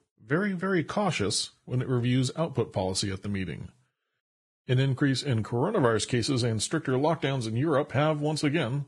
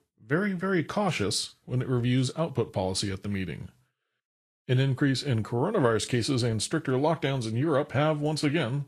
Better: second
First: garbled, watery; badly; nothing above 10 kHz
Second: garbled, watery; slightly

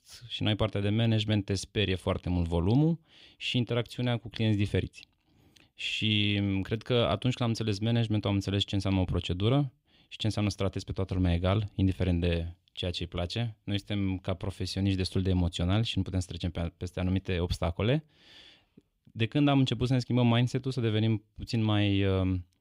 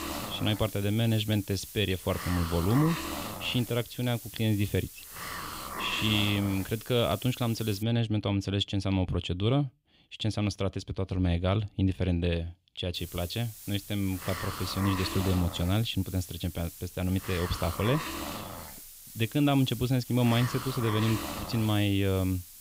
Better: first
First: none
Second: hiss; loud; until 8 s and from 13 s on; 9 dB below the speech

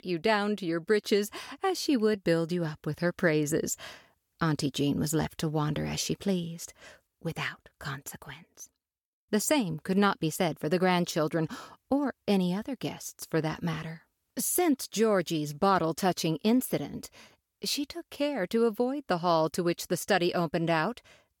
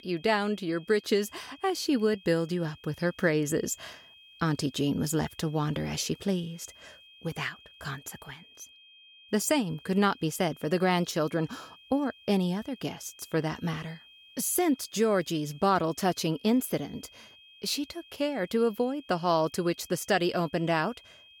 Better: first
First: none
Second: high-pitched whine; faint; throughout; 3 kHz, 25 dB below the speech

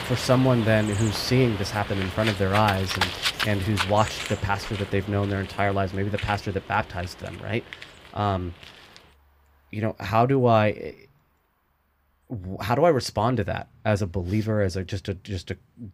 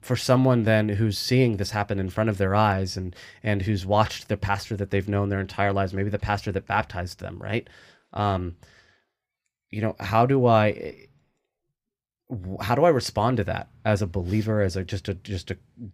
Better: second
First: animal sounds; loud; throughout; 7 dB below the speech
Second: none

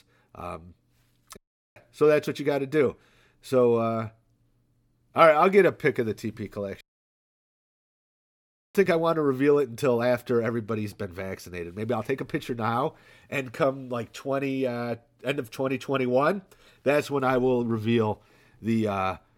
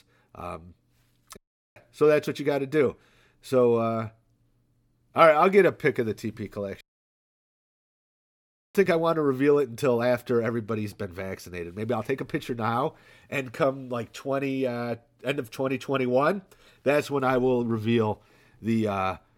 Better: neither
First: audio cutting out; at 1.5 s and at 7 s for 2 s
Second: audio cutting out; at 1.5 s and at 7 s for 2 s

